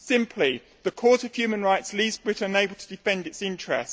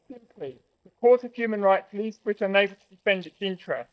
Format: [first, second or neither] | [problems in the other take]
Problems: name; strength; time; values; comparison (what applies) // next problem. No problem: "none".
first | noise reduction (neural mask model DeepFilterNet 3)